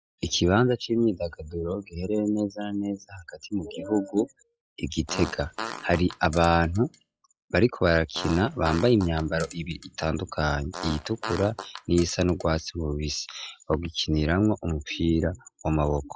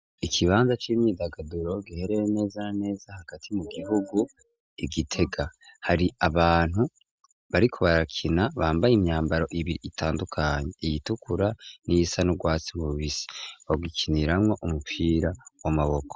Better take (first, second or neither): second